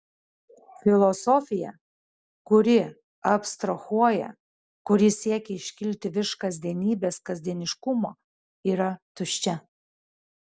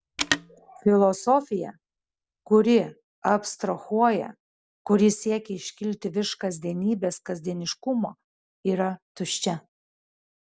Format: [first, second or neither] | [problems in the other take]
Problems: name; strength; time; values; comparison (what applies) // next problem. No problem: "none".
first | background sound (Telephone); 9 dB below the speech